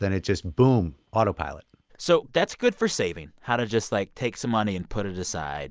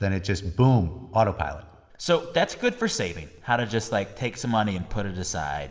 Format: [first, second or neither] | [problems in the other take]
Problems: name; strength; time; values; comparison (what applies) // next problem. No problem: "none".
first | room echo; dies away in 1.1 s